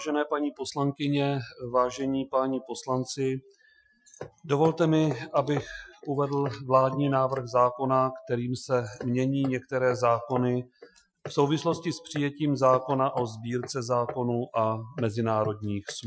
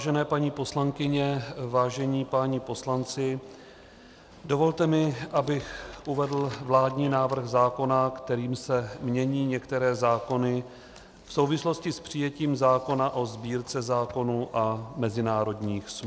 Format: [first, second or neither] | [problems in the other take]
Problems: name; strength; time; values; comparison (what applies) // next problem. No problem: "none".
second | noise reduction (classical method Wiener filter)